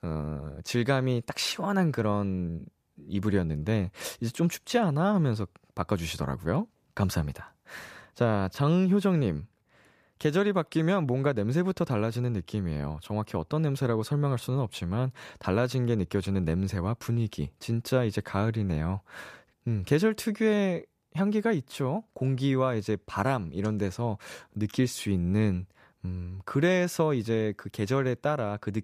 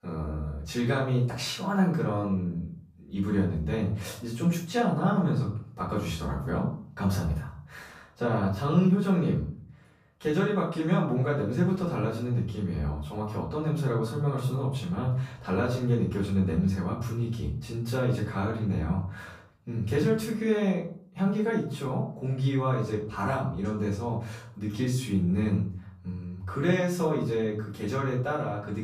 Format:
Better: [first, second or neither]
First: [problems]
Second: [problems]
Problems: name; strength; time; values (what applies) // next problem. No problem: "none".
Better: first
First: none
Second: room echo; noticeable; dies away in 0.5 s // off-mic speech; far